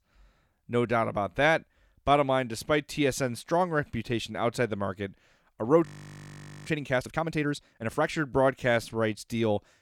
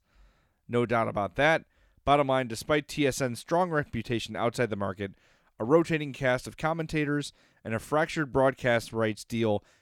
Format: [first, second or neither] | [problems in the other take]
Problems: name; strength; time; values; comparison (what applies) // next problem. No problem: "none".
second | audio freezing; at 6 s for 1 s